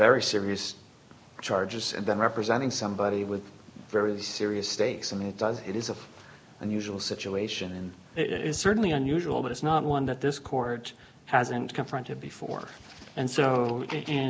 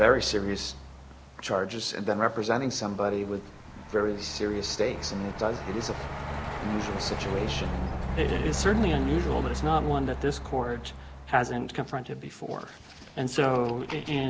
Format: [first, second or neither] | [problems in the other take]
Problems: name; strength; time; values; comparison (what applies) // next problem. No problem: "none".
first | background sound (Truck); 7 dB below the speech